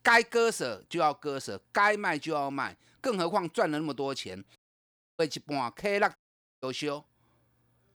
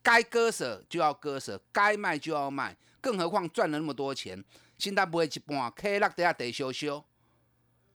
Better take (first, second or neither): second